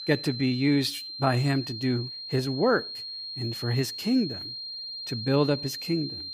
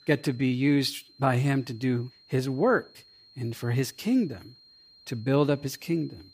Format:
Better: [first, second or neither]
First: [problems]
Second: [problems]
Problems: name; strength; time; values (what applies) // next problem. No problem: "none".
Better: second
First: high-pitched whine; loud; throughout; 4 kHz, 7 dB below the speech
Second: high-pitched whine; faint; throughout; 4 kHz, 25 dB below the speech